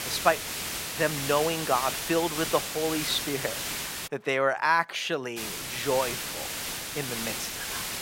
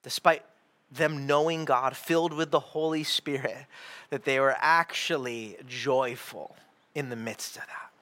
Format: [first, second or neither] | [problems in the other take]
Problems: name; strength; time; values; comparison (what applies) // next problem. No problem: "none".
second | hiss; loud; until 4 s and from 5.5 s on; 3 dB below the speech